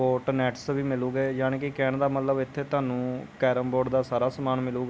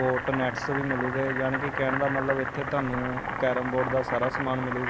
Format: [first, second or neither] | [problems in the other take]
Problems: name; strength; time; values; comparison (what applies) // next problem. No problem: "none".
first | background sound (Boiling); 3 dB below the speech